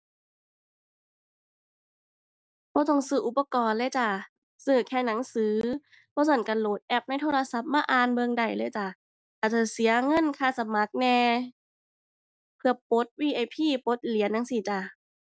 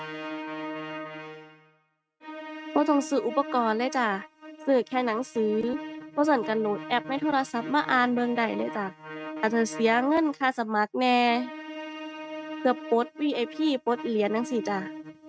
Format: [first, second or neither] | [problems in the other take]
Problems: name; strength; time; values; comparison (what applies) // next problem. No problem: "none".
first | noise reduction (neural mask model RNNoise)